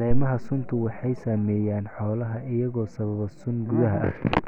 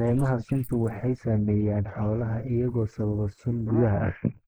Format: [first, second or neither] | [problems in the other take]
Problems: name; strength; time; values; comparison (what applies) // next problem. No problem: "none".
first | noise reduction (neural mask model Resemble Enhance denoiser)